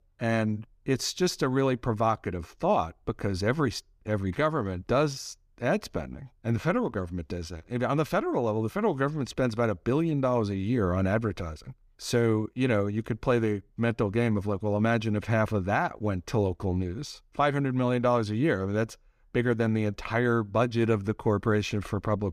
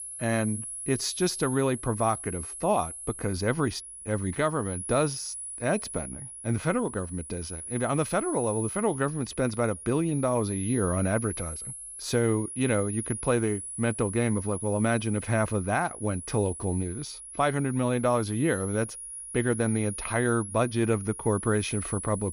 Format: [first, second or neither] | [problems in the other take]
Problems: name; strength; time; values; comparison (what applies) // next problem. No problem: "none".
first | high-pitched whine; loud; throughout; 10 kHz, 8 dB below the speech